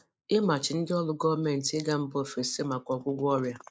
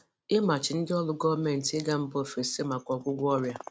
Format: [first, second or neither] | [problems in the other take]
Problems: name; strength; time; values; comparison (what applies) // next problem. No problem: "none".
second | noise reduction (neural mask model Resemble Enhance denoiser)